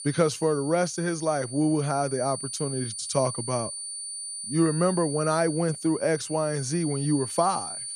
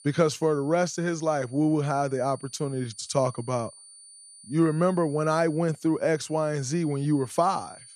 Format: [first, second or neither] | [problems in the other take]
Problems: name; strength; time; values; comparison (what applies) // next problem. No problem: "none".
second | high-pitched whine; loud; throughout; 9.5 kHz, 8 dB below the speech; faint in the second